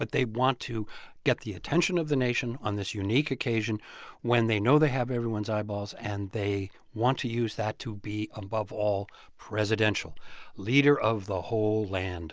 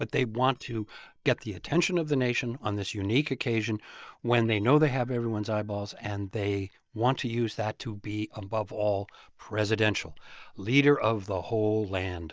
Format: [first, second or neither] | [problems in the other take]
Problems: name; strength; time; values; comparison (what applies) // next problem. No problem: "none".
first | noise reduction (neural mask model DeepFilterNet 3)